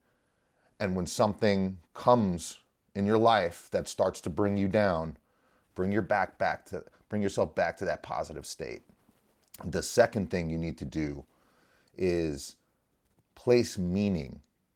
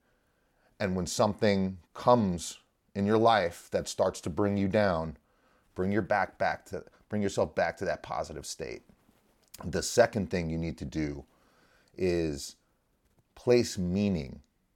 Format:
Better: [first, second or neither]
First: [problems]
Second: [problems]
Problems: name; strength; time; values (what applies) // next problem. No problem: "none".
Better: second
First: garbled, watery; slightly; nothing above 17 kHz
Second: none